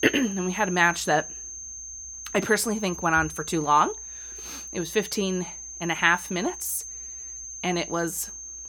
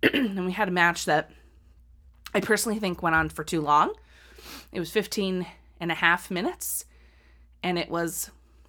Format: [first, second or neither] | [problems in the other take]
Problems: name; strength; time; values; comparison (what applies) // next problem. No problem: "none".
second | high-pitched whine; noticeable; throughout; 6.5 kHz, 10 dB below the speech